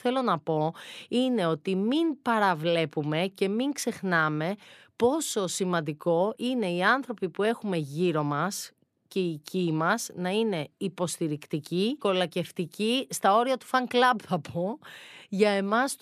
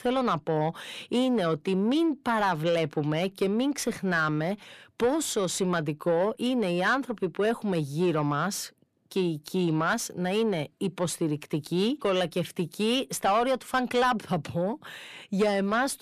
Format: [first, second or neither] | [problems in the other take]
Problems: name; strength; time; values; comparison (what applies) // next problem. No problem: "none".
first | distortion; slight; 10 dB below the speech